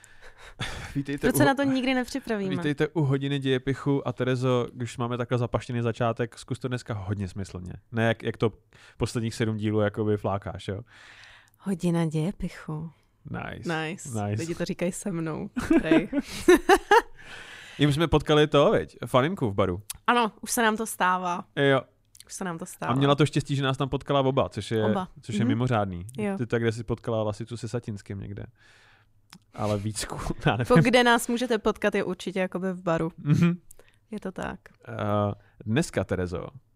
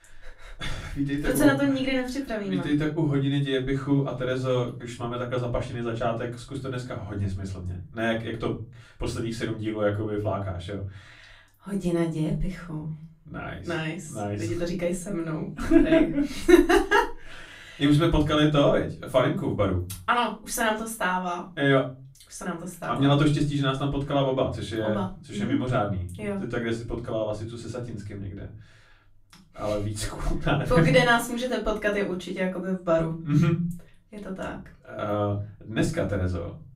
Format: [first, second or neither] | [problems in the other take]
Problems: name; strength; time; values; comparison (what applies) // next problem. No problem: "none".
first | off-mic speech; far // room echo; slight; dies away in 0.3 s